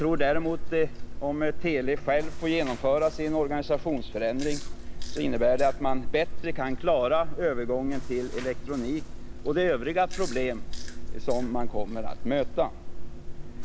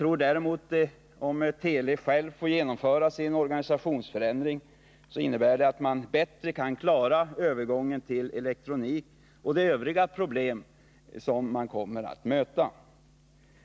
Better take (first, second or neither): second